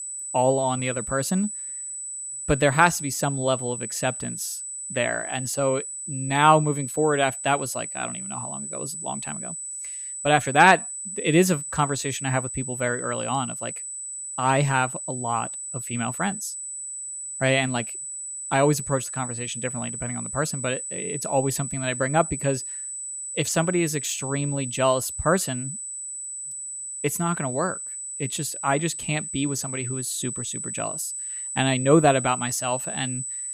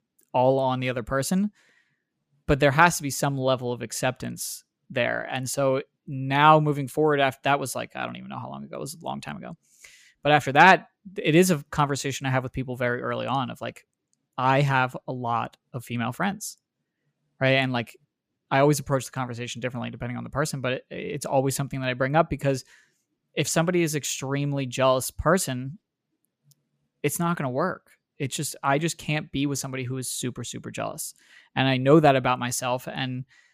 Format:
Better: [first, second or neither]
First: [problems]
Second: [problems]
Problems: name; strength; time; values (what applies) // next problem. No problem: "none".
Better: second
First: high-pitched whine; loud; throughout; 8 kHz, 6 dB below the speech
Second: none